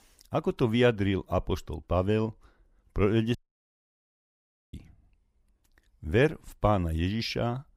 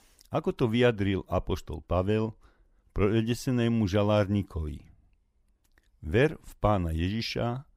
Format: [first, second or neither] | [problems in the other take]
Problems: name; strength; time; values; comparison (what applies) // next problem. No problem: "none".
second | audio cutting out; at 3.5 s for 1.5 s